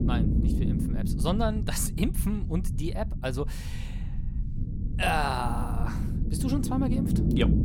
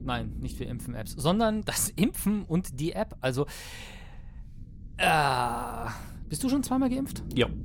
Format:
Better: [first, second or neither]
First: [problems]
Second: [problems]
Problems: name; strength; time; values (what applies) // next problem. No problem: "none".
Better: second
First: low rumble; loud; throughout; 8 dB below the speech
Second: low rumble; faint; throughout; 25 dB below the speech